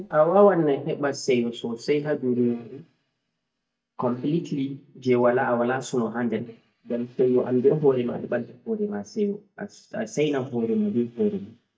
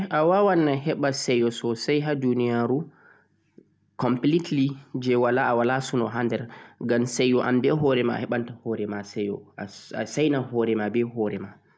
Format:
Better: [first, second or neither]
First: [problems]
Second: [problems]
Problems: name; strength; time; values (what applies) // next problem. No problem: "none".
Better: second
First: noise reduction (neural mask model DeepFilterNet 3)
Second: none